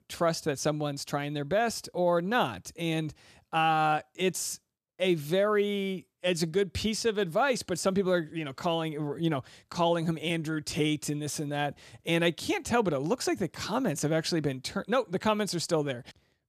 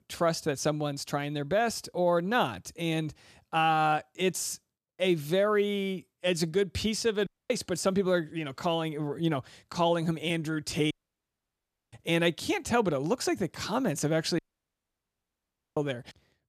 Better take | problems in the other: first | audio cutting out; at 7.5 s, at 11 s for 1 s and at 14 s for 1.5 s

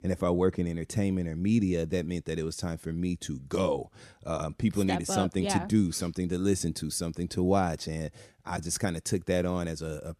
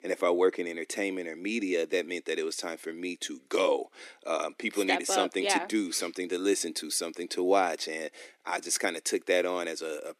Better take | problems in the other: first | thin; somewhat; fading below 300 Hz

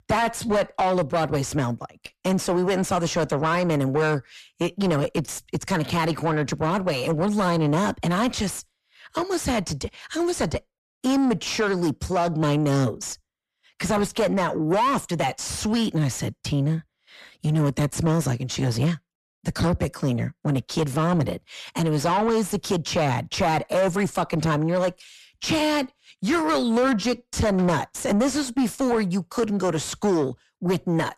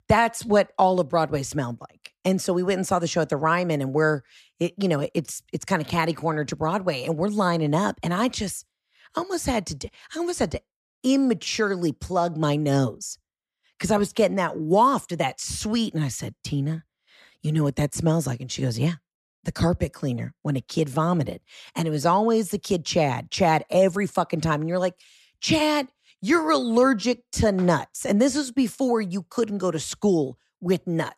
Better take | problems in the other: second | distortion; heavy; 7 dB below the speech

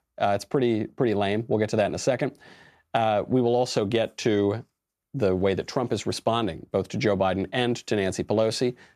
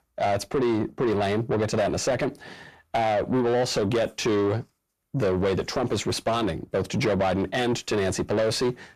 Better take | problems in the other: first | distortion; heavy; 7 dB below the speech

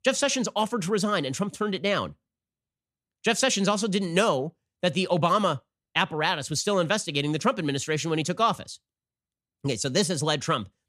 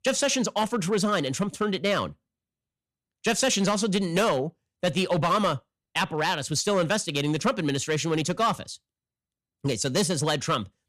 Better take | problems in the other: first | distortion; slight; 5% of the sound clipped

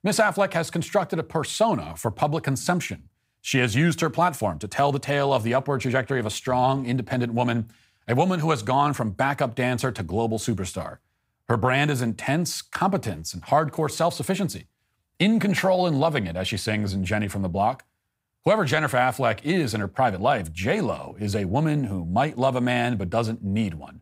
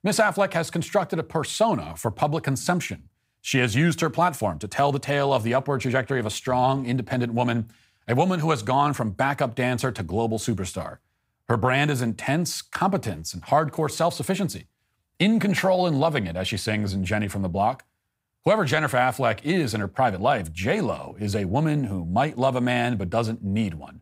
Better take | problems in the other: neither | none

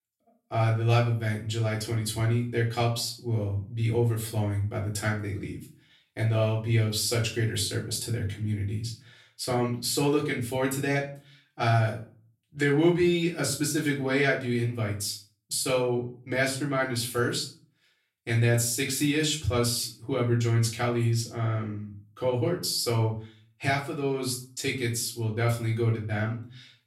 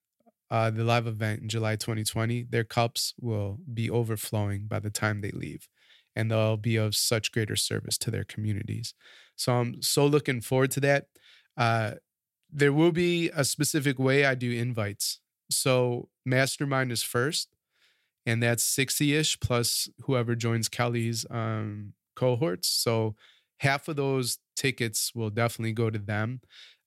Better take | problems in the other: second | off-mic speech; far // room echo; slight; dies away in 0.3 s

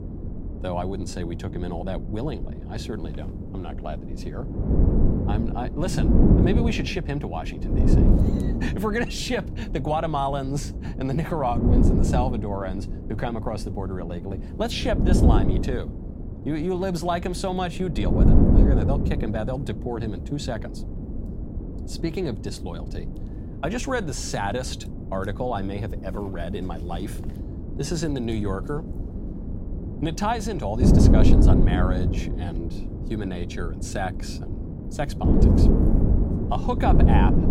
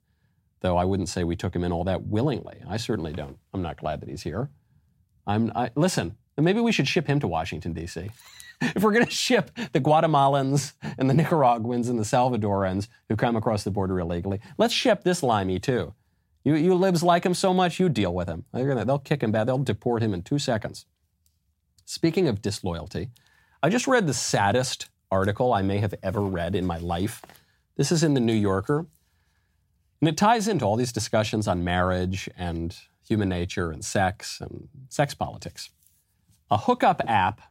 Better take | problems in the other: second | wind noise on the microphone; heavy; 3 dB below the speech

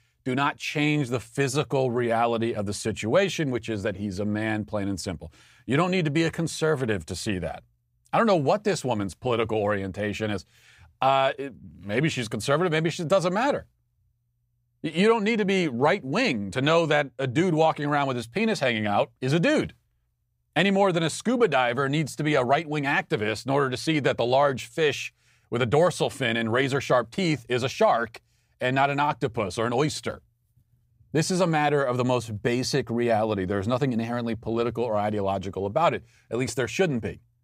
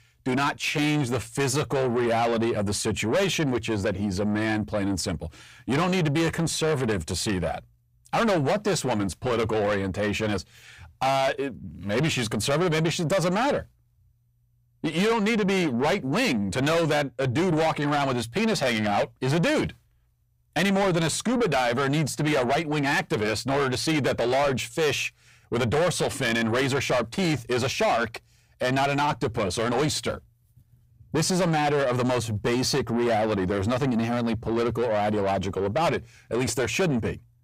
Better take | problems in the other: first | distortion; heavy; 7 dB below the speech

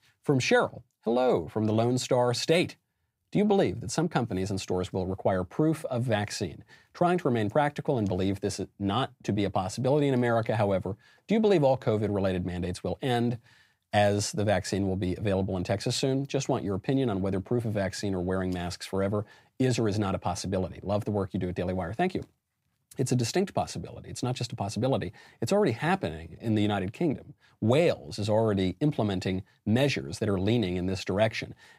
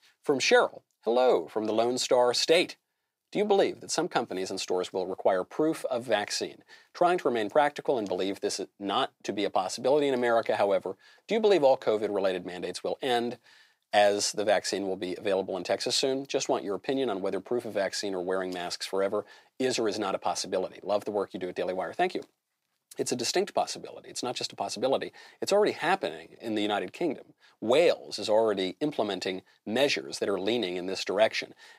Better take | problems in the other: first | thin; somewhat; fading below 400 Hz

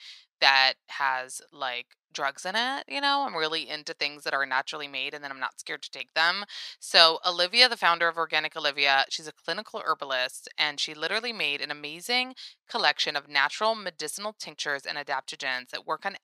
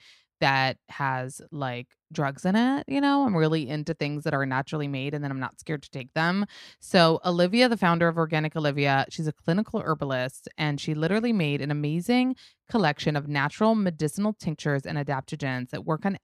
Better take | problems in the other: second | thin; very; fading below 800 Hz

